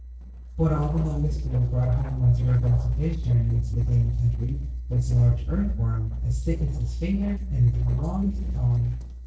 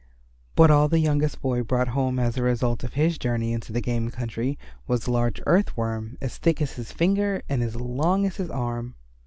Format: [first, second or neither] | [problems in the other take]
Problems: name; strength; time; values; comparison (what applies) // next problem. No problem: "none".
second | noise reduction (neural separator model SepFormer DNS4)